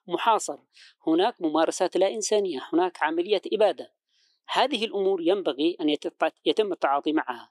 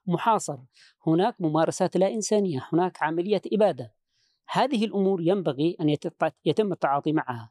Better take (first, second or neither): second